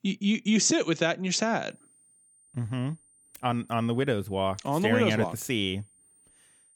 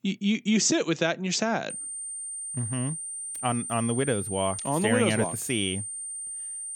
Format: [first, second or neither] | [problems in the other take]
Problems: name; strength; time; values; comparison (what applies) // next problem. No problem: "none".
first | high-pitched whine; loud; from 1.5 s on; 9 kHz, 6 dB below the speech; faint in the first